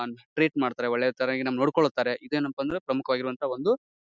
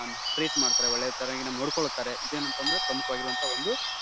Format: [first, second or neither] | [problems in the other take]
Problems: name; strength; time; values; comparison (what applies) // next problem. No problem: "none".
first | background sound (Bird / Bell); 3 dB above the speech